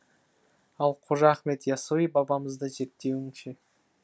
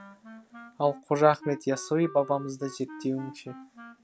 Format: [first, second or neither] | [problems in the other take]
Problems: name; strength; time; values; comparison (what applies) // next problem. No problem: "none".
first | background sound (Wind instrument, woodwind instrument); 17 dB below the speech